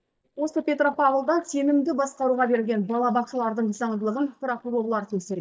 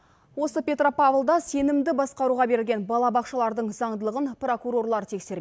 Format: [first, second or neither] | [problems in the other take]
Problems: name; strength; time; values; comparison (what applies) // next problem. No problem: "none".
second | noise reduction (neural mask model DeepFilterNet 3)